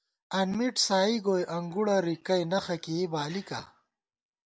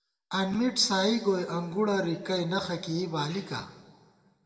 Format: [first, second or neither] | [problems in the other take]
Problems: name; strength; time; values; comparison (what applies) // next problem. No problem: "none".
first | room echo; dies away in 1.3 s